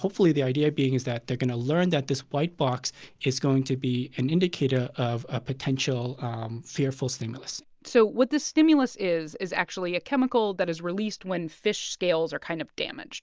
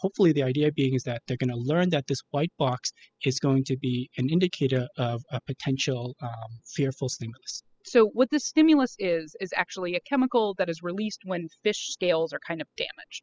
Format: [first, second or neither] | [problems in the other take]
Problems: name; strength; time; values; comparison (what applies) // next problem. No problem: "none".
first | noise reduction (classical method spectral subtraction)